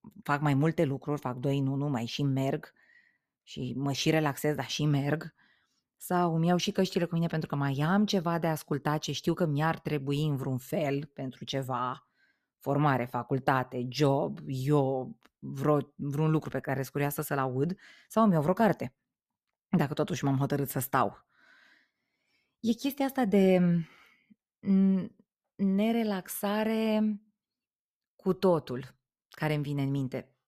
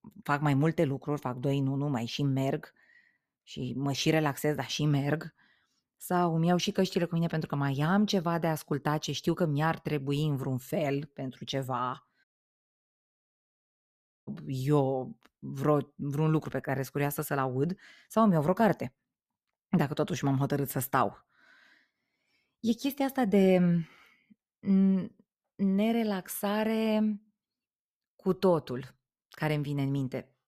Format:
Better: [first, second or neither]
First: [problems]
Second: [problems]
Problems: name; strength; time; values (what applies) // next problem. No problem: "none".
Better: first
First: none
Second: audio cutting out; at 12 s for 2 s